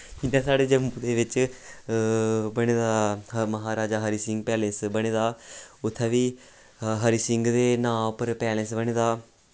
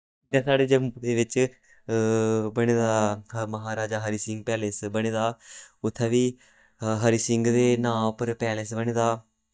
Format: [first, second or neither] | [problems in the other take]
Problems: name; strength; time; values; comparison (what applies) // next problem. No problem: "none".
first | noise reduction (neural mask model DeepFilterNet 3)